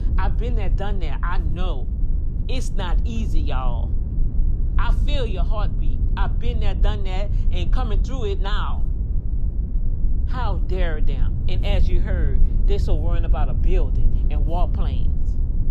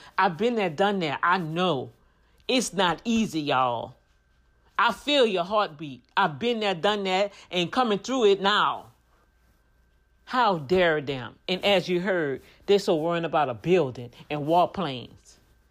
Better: second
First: low rumble; loud; throughout; 9 dB below the speech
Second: none

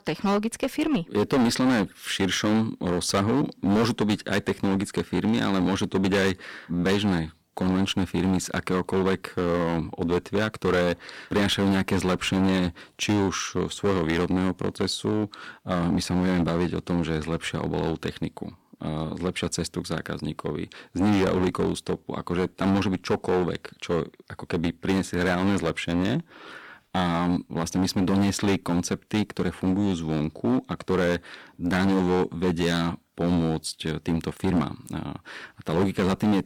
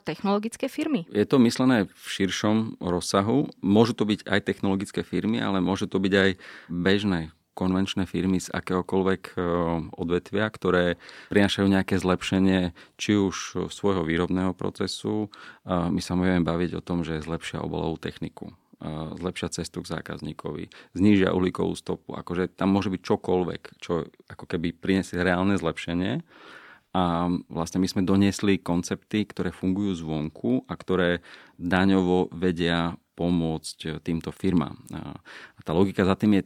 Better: second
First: distortion; heavy; 11% of the sound clipped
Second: none

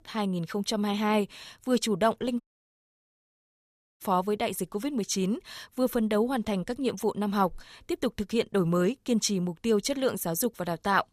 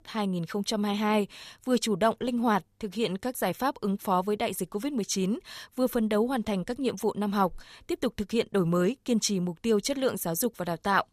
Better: second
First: audio cutting out; at 2.5 s for 1.5 s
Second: none

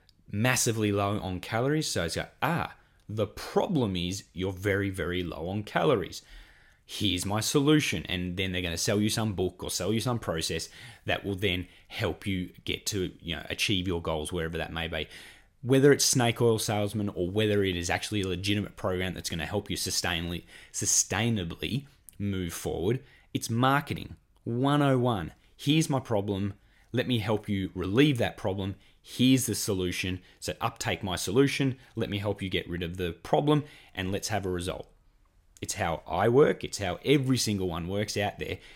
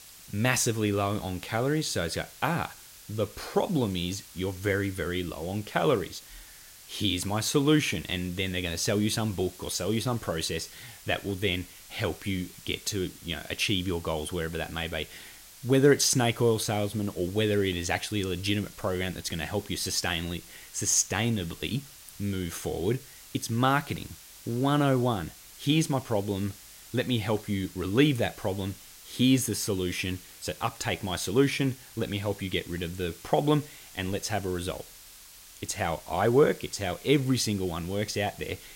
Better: first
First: none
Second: hiss; noticeable; throughout; 20 dB below the speech

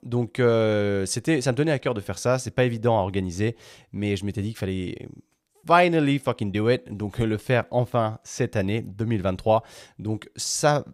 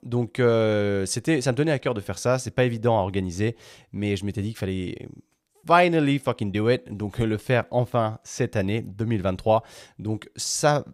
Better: neither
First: none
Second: none

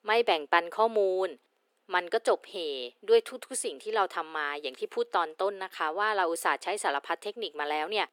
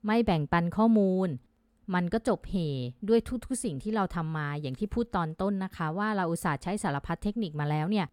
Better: second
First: thin; very; fading below 350 Hz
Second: none

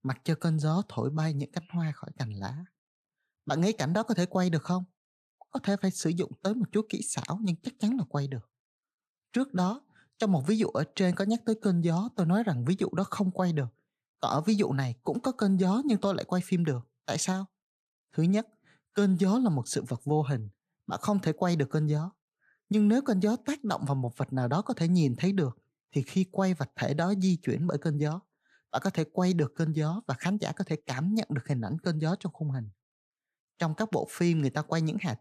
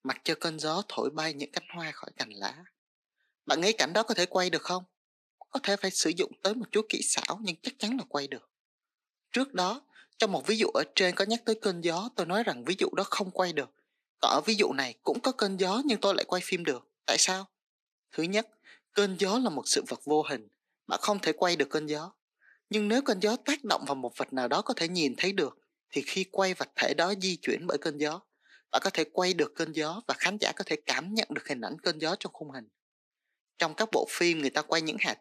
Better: first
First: none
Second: thin; somewhat; fading below 300 Hz

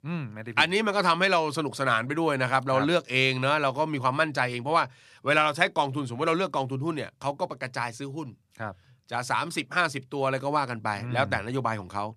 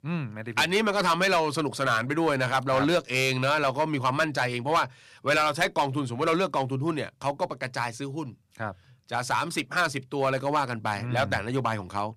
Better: first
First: none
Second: distortion; slight; 4% of the sound clipped

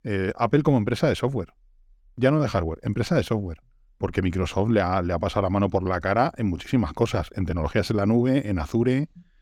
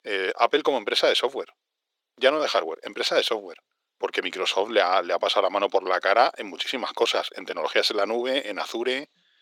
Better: first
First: none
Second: thin; very; fading below 400 Hz

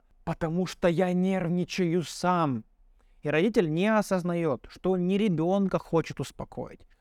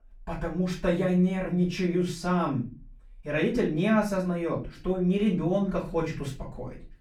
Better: first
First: none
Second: room echo; slight; dies away in 0.3 s // off-mic speech; far

